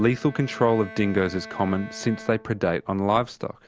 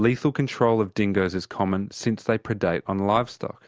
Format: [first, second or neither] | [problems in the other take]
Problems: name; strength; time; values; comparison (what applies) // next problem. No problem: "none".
second | background sound (Bowed string instrument); 18 dB below the speech